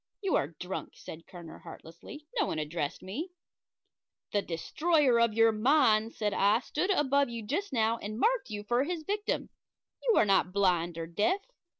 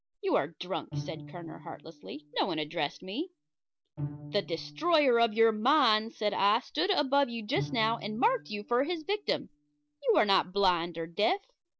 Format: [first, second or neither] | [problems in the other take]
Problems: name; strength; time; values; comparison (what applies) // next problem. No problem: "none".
first | background sound (Bowed string instrument); 15 dB below the speech